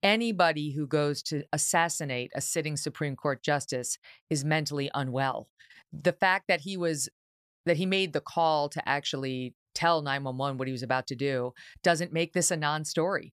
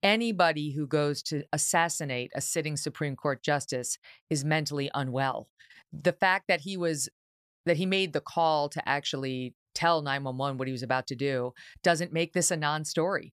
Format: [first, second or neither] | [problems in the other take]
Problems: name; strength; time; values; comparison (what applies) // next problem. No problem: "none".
neither | none